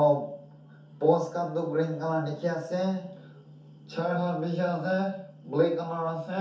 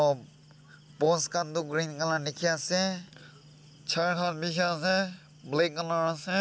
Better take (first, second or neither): second